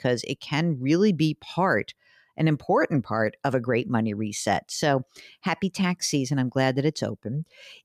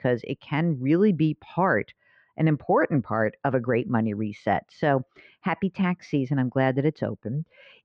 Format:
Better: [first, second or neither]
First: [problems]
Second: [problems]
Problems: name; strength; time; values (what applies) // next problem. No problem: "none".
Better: first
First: none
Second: muffled; very; fading above 2 kHz